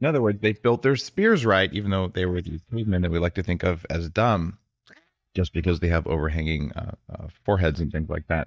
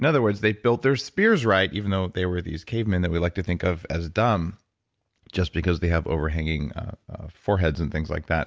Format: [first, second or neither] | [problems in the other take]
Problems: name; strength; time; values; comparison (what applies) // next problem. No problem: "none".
second | noise reduction (neural mask model DeepFilterNet 3)